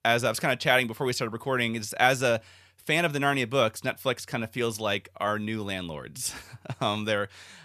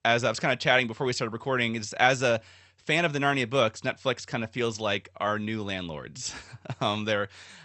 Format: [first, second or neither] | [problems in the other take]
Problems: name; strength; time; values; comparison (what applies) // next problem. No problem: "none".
first | garbled, watery; slightly; nothing above 8 kHz